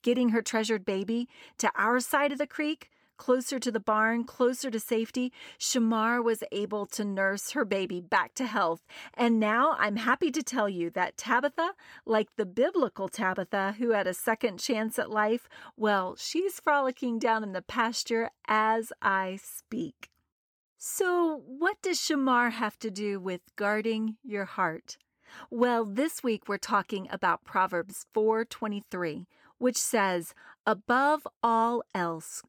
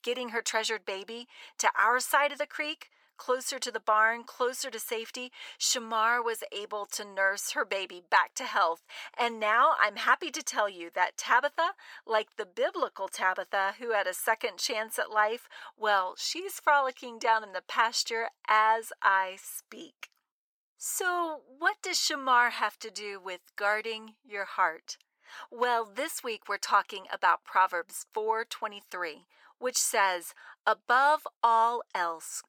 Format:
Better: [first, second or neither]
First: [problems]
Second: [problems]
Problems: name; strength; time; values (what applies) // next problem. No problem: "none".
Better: first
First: none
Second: thin; very; fading below 750 Hz